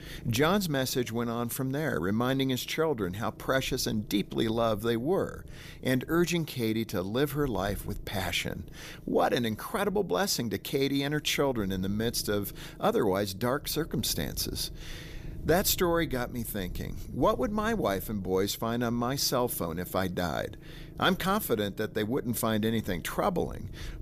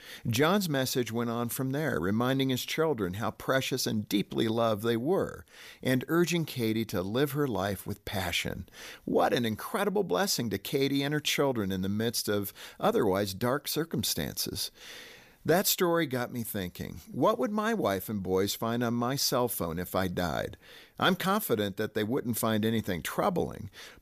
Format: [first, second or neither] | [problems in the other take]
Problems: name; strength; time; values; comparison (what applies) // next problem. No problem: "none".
second | low rumble; faint; throughout; 25 dB below the speech